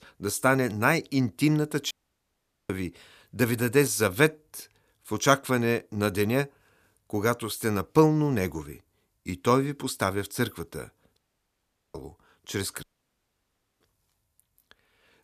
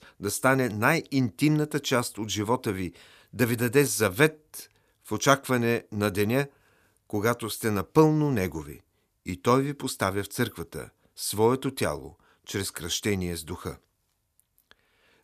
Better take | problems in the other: second | audio cutting out; at 2 s for 1 s, at 11 s for 1 s and at 13 s for 1 s

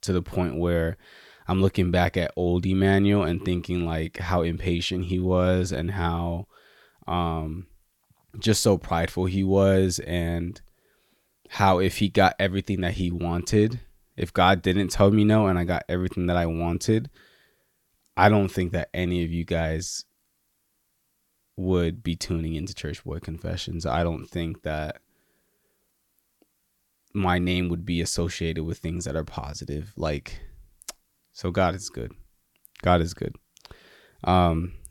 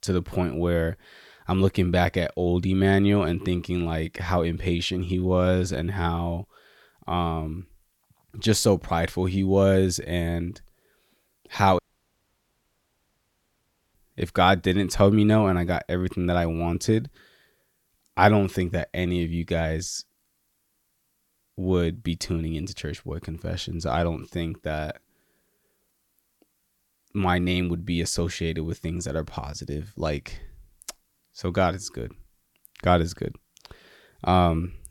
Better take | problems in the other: first | audio cutting out; at 12 s for 2 s

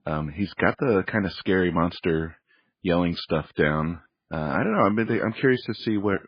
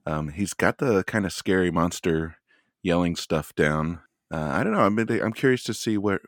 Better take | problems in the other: second | garbled, watery; badly; nothing above 5 kHz

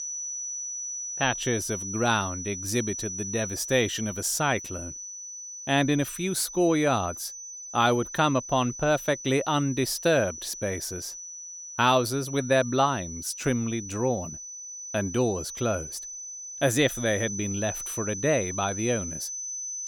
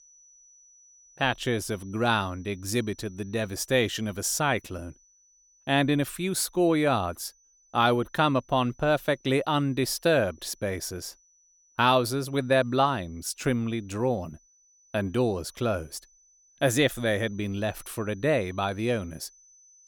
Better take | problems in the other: second | high-pitched whine; loud; throughout; 6 kHz, 8 dB below the speech; faint in the second

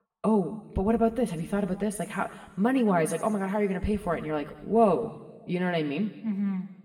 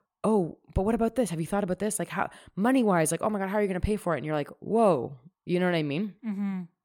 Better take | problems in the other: second | room echo; slight; dies away in 1.5 s // off-mic speech; somewhat distant

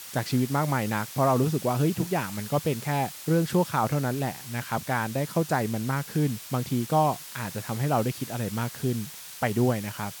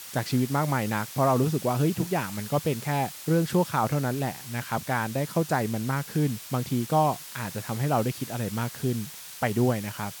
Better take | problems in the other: neither | hiss; noticeable; throughout; 10 dB below the speech; the same in both

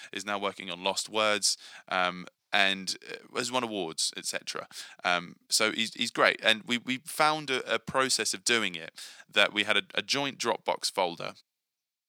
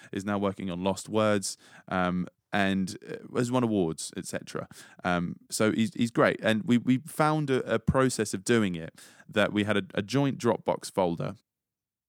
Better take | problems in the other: second | thin; somewhat; fading below 1 kHz

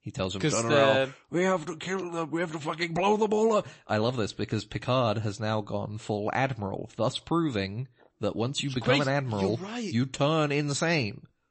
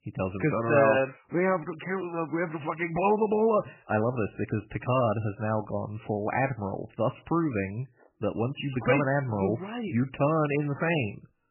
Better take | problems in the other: first | garbled, watery; badly; nothing above 3 kHz; slightly in the first

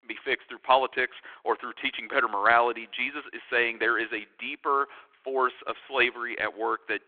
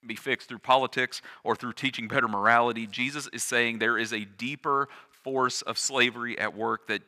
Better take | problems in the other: second | phone-call audio; nothing above 3.5 kHz

